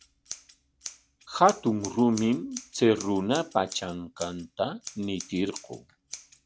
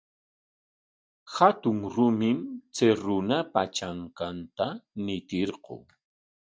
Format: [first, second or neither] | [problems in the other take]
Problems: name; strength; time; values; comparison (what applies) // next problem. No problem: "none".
second | background sound (Scissors); 16 dB below the speech